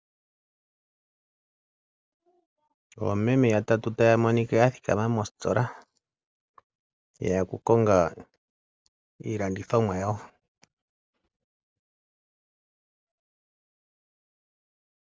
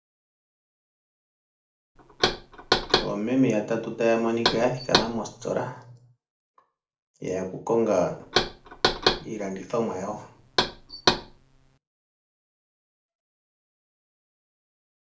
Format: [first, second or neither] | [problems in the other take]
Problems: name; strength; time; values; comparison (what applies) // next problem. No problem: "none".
first | background sound (Knock); 2 dB above the speech // room echo; dies away in 0.4 s